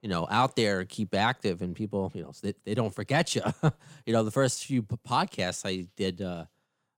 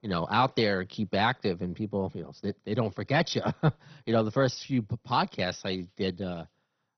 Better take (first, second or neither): first